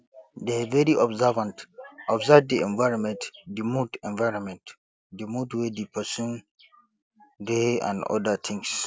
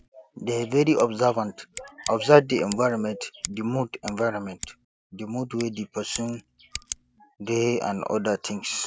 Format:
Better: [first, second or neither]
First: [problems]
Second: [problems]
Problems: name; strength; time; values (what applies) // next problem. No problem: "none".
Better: first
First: none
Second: background sound (Scissors); 17 dB below the speech